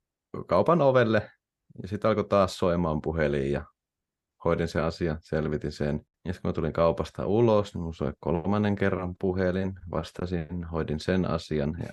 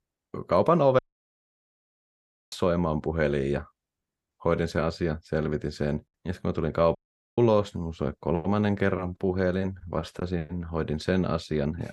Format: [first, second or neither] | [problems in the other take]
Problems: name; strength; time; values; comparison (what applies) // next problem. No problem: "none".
first | audio cutting out; at 1 s for 1.5 s and at 7 s